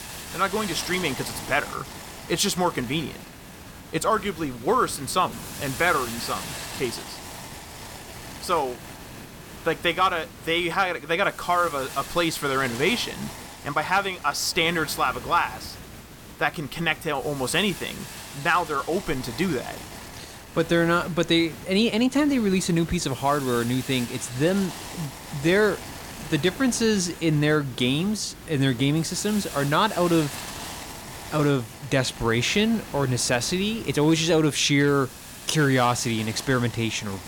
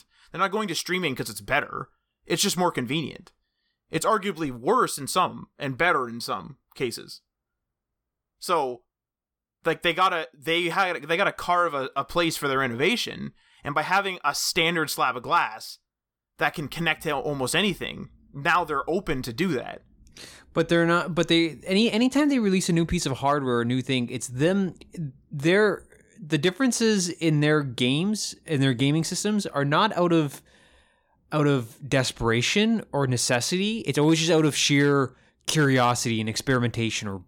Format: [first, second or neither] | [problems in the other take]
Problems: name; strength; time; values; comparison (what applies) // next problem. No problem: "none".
second | hiss; noticeable; throughout; 15 dB below the speech